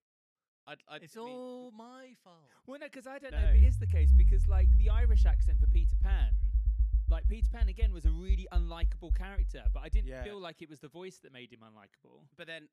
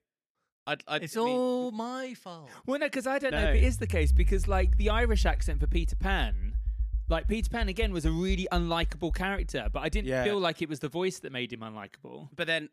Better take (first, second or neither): second